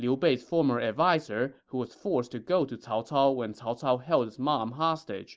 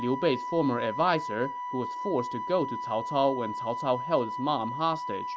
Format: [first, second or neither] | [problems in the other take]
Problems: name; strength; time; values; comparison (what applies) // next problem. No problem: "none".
first | background sound (Wind instrument, woodwind instrument); 6 dB below the speech